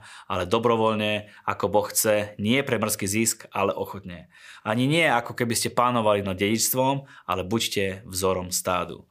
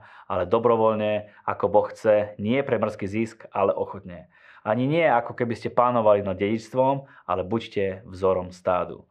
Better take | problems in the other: first | muffled; very; fading above 2 kHz

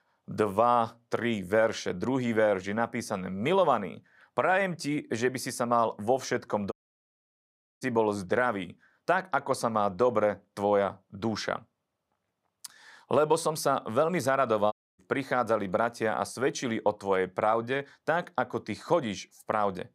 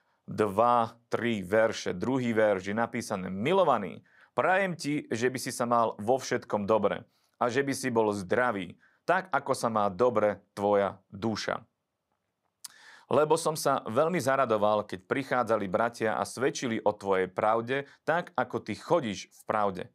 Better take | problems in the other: second | audio cutting out; at 6.5 s for 1 s and at 15 s

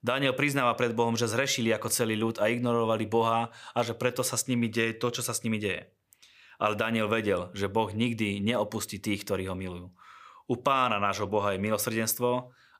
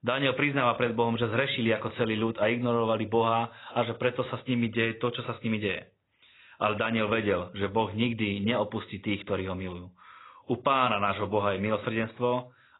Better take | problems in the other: first | garbled, watery; badly; nothing above 4 kHz

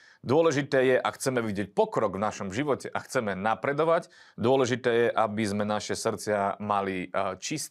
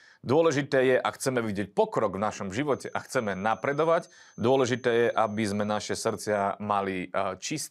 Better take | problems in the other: first | high-pitched whine; faint; from 2.5 to 6.5 s; 6.5 kHz, 30 dB below the speech

